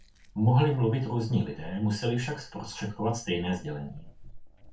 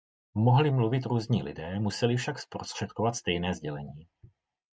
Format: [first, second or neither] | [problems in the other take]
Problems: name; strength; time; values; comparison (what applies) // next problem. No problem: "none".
second | background sound (Chewing, mastication); 19 dB below the speech // room echo; dies away in 0.3 s